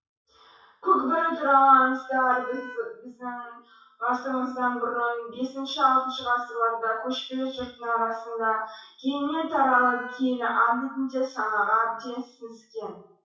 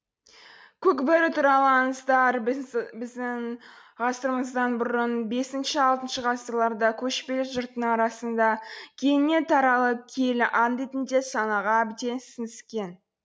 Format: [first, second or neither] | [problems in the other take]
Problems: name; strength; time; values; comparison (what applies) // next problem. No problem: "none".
second | noise reduction (classical method WPE with log-MMSE)